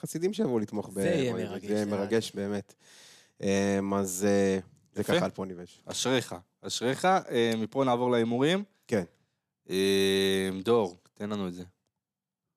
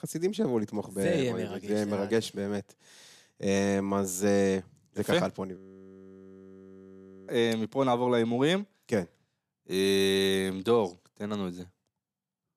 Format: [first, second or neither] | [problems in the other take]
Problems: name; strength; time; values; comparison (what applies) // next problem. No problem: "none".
first | audio freezing; at 5.5 s for 1.5 s